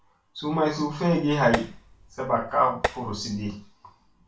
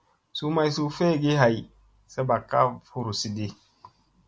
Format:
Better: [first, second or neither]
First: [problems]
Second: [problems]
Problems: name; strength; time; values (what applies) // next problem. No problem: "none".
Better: second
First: background sound (Tap); 6 dB below the speech // room echo; dies away in 0.3 s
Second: none